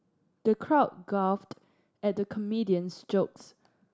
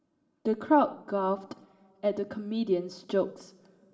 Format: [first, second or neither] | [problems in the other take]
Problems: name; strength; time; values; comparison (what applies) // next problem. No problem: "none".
first | room echo; dies away in 1.6 s